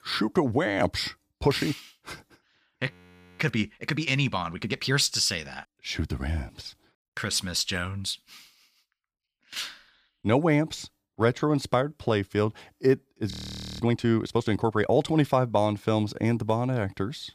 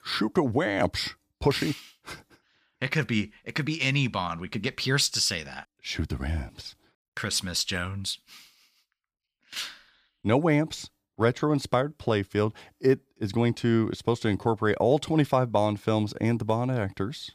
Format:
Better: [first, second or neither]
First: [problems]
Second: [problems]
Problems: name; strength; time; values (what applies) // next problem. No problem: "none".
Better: second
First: audio freezing; at 3 s and at 13 s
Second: none